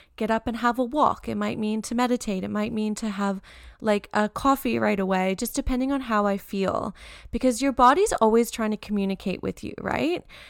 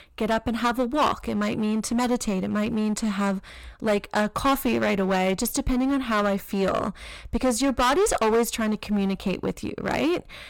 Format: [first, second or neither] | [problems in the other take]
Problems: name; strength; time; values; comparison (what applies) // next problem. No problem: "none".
first | distortion; heavy; 13% of the sound clipped